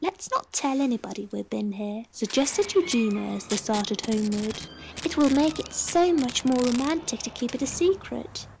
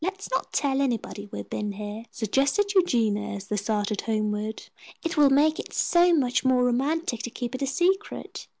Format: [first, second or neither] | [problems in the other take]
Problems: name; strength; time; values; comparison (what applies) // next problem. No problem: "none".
second | background sound (Packing tape, duct tape + Door); 14 dB below the speech